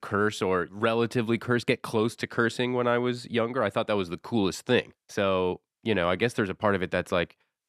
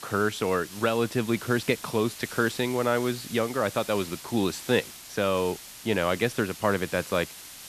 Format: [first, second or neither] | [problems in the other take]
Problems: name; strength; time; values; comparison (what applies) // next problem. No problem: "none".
first | hiss; noticeable; throughout; 15 dB below the speech